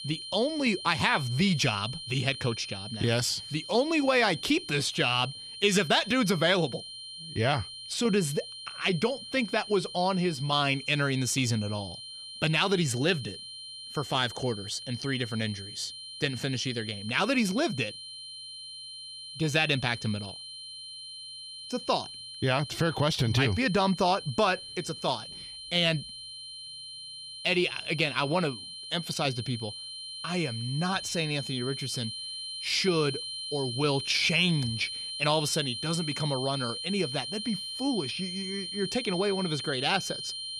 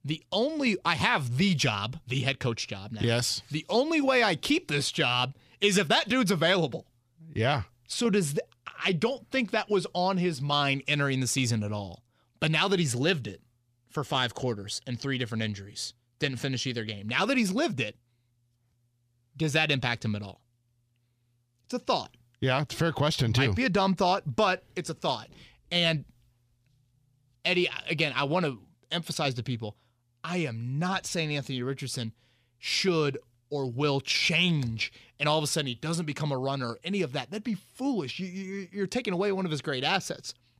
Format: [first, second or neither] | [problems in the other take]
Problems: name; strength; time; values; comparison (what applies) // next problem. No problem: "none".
second | high-pitched whine; loud; throughout; 4 kHz, 9 dB below the speech